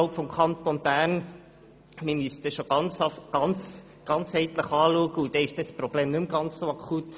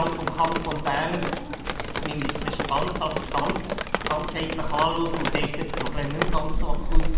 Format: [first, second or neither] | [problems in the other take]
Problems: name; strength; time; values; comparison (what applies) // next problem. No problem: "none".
first | background sound (Drip); 4 dB above the speech // room echo; dies away in 1 s